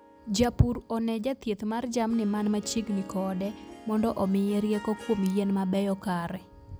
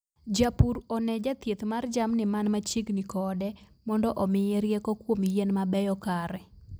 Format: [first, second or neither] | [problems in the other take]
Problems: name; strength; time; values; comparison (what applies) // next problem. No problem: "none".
second | background sound (Harp); 19 dB below the speech